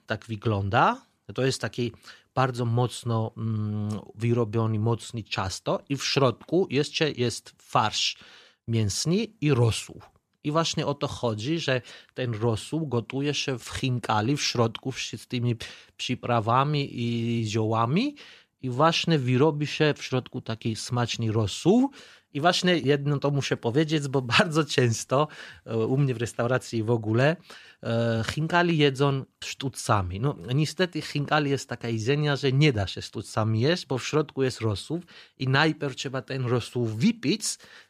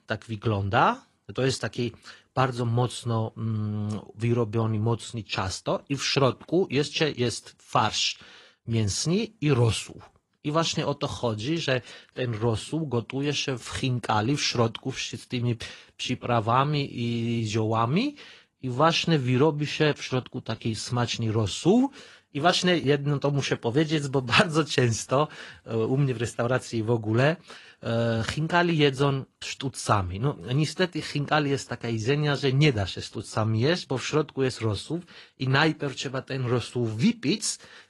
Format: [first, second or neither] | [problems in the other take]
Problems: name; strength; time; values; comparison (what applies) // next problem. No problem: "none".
first | garbled, watery; slightly